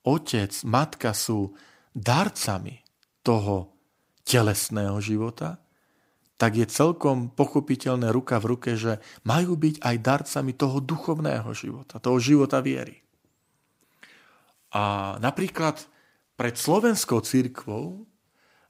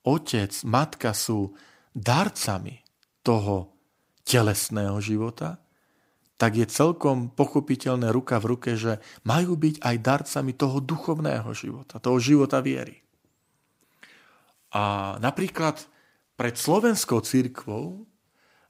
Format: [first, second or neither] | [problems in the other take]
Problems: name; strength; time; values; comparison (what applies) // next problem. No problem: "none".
neither | none